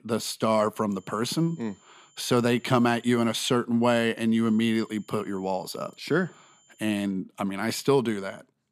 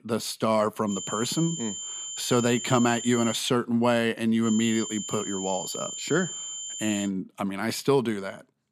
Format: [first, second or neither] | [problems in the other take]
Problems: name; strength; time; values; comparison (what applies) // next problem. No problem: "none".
first | high-pitched whine; loud; from 1 to 3.5 s and from 4.5 to 7 s; 7 kHz, 7 dB below the speech; faint in the first